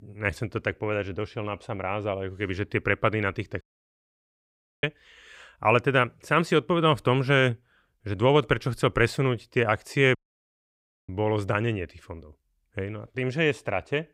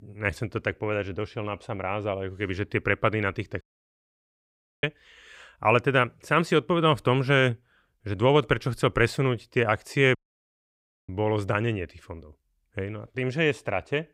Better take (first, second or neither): neither